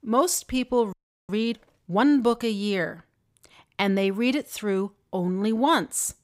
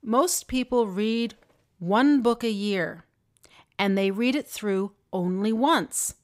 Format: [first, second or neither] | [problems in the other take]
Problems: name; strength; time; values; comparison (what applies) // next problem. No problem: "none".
second | audio freezing; at 1 s